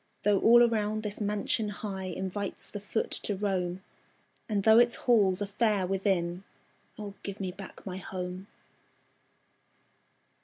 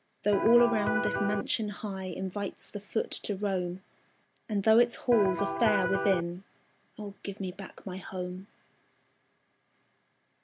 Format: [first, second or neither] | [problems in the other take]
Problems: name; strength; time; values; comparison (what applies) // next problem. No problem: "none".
first | background sound (Electric guitar); 1 dB below the speech